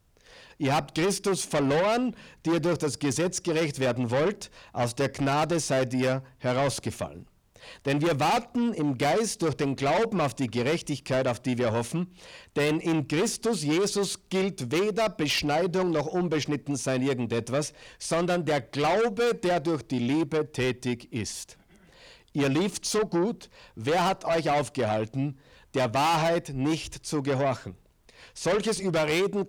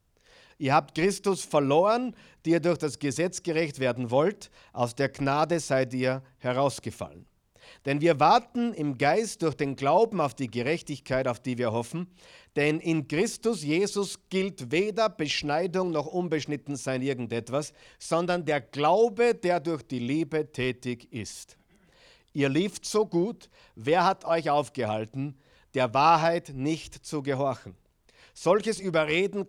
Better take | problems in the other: second | distortion; heavy; 7 dB below the speech

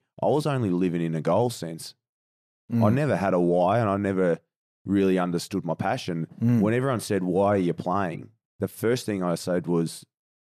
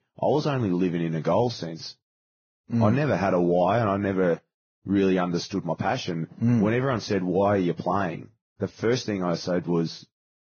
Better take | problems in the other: first | garbled, watery; badly; nothing above 6.5 kHz

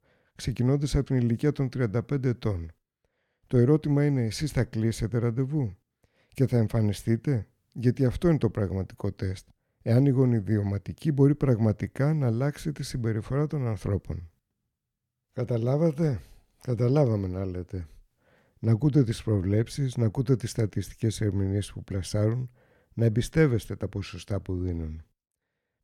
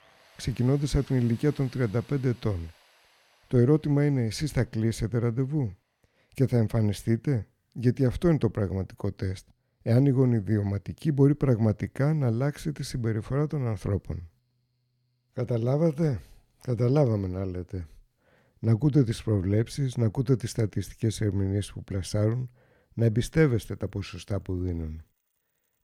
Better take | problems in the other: first | machinery noise; faint; throughout; 30 dB below the speech

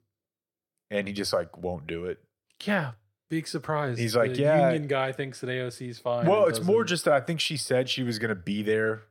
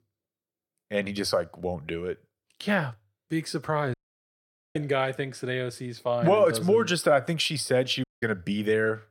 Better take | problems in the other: first | audio cutting out; at 4 s for 1 s and at 8 s

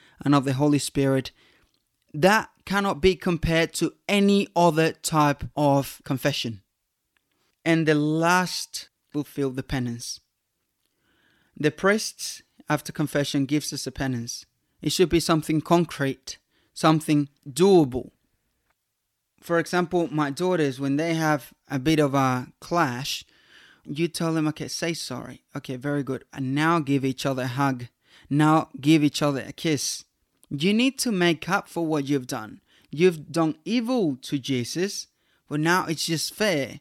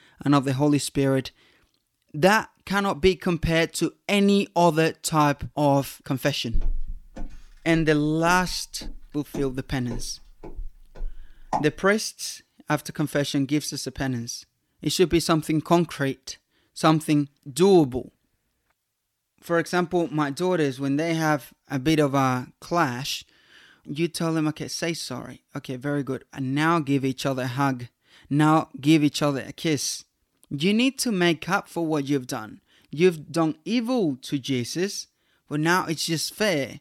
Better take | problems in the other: first | footsteps; noticeable; from 6.5 to 12 s; peak 6 dB below the speech

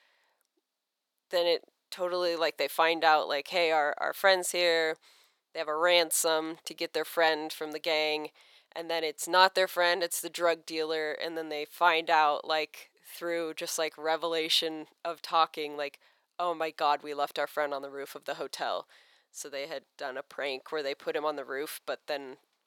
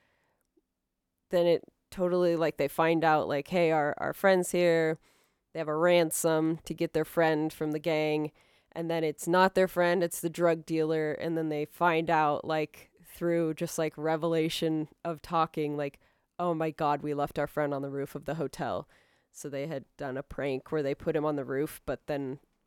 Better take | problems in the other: second | thin; very; fading below 650 Hz

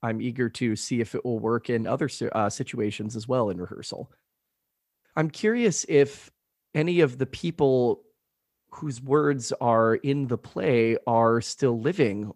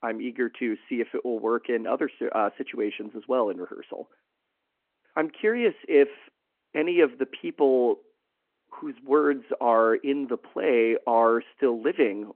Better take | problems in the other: first | phone-call audio

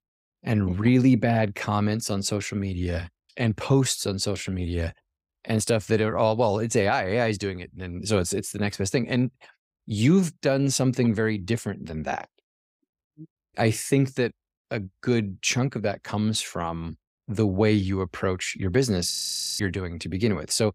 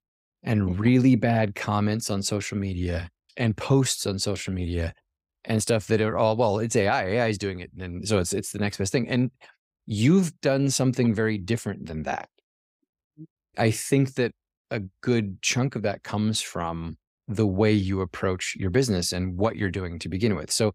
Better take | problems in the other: second | audio freezing; at 19 s

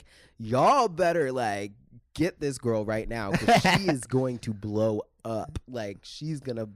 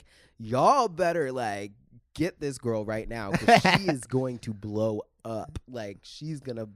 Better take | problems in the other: second | distortion; slight; 10 dB below the speech

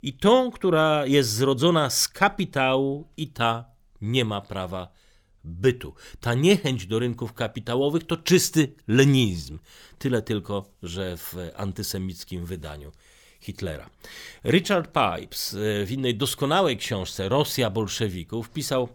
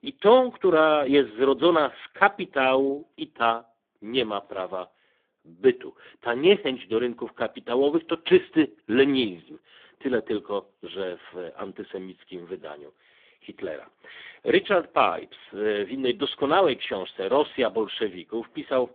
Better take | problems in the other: first | phone-call audio; poor line; nothing above 3.5 kHz

